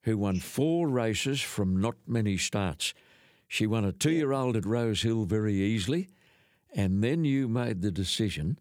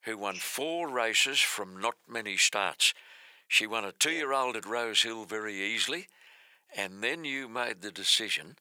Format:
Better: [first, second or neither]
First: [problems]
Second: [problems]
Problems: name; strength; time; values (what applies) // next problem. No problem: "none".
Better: first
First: none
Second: thin; very; fading below 850 Hz